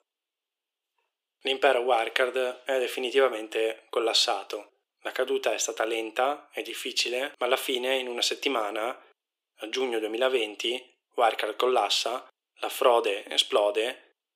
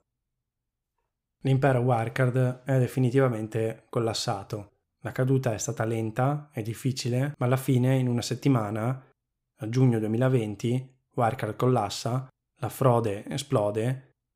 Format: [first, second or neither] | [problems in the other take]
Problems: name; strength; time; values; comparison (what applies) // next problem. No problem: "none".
second | thin; very; fading below 350 Hz